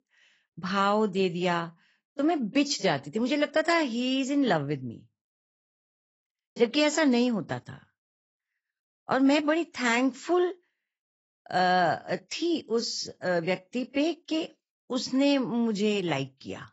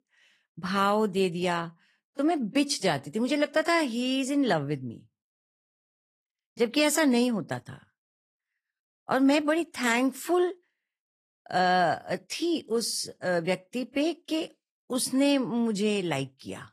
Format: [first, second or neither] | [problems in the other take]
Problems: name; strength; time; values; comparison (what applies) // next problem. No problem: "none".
second | garbled, watery; badly; nothing above 7.5 kHz; slightly in the second